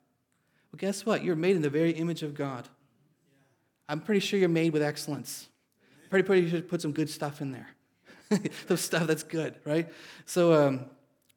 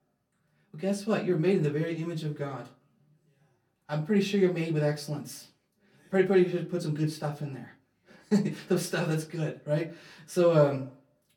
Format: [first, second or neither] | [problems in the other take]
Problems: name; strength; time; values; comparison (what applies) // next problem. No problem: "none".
first | off-mic speech; far // room echo; very slight; dies away in 0.2 s